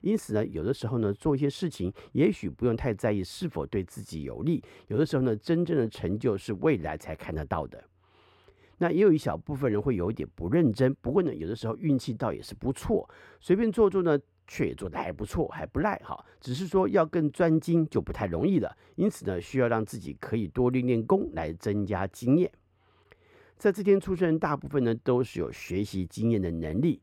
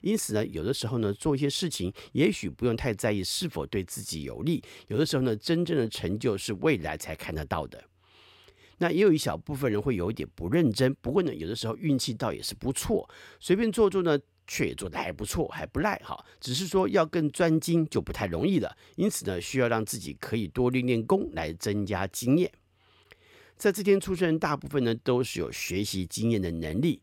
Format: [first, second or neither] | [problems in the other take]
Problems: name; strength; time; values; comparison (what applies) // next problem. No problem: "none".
second | muffled; slightly; fading above 2.5 kHz